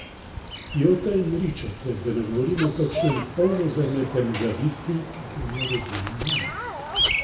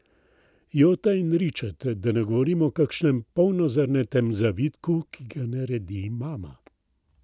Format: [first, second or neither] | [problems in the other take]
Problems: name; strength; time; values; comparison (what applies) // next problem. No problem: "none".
second | background sound (Bird vocalization, bird call, bird song); 6 dB below the speech // room echo; dies away in 0.8 s